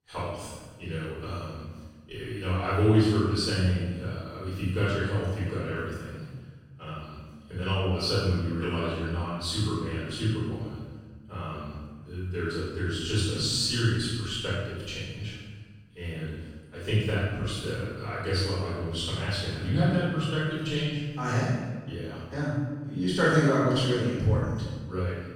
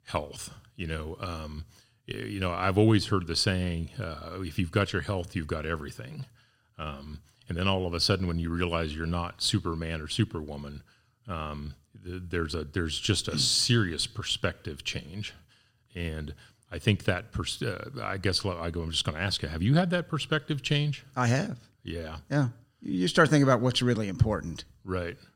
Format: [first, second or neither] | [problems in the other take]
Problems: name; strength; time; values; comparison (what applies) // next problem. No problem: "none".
second | room echo; strong; dies away in 1.2 s // off-mic speech; far